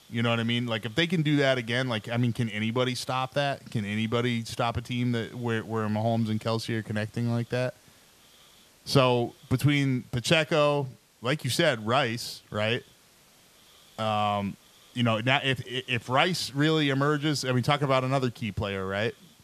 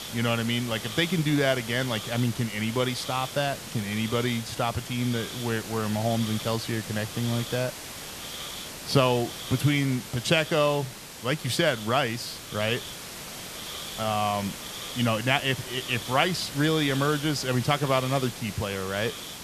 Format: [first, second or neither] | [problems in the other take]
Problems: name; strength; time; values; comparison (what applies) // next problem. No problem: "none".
first | hiss; loud; throughout; 9 dB below the speech; faint in the first